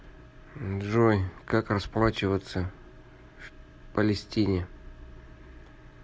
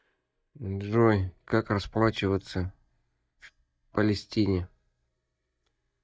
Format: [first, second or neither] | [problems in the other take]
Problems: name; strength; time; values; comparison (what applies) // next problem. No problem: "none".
first | noise reduction (neural mask model DeepFilterNet 3)